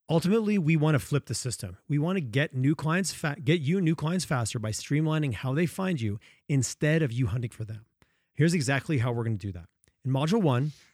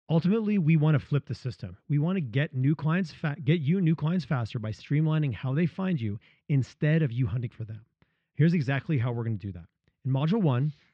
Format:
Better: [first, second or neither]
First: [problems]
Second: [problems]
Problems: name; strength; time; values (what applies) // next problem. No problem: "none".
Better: first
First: none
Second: muffled; slightly; fading above 4 kHz